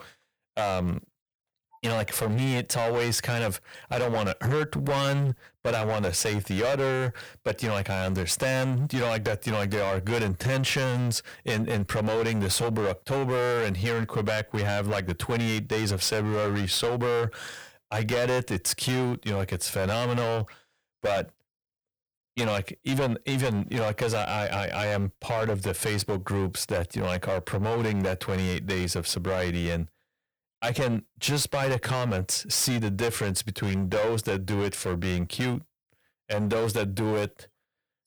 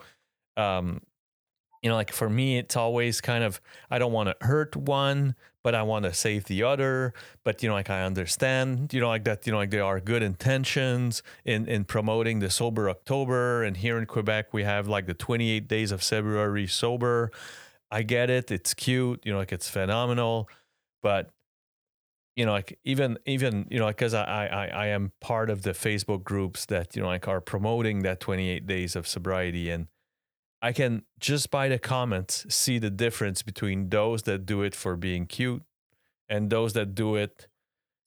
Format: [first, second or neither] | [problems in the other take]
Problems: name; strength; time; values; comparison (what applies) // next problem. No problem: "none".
second | distortion; heavy; 17% of the sound clipped